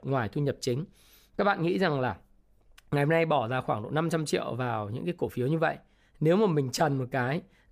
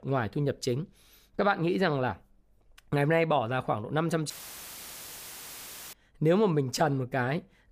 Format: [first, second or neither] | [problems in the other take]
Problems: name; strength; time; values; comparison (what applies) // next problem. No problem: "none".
first | audio cutting out; filled with static; at 4.5 s for 1.5 s